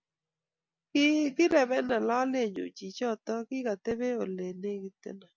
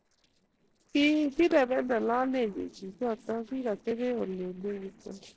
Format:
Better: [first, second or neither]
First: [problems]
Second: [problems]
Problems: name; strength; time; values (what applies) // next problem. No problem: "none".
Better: first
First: none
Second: noise reduction (neural separator model SepFormer DNS4)